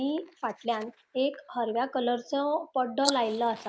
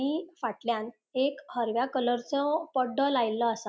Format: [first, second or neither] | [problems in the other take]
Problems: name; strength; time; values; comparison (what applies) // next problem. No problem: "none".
second | noise reduction (neural mask model Resemble Enhance denoiser)